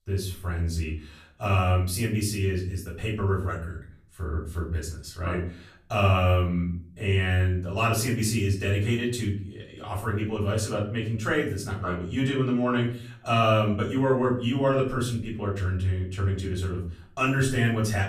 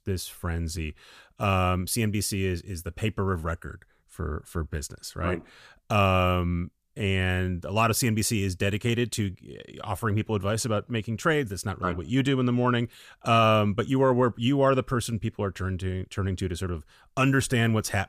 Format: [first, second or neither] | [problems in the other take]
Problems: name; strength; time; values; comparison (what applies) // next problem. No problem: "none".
second | off-mic speech; far // room echo; slight; dies away in 0.4 s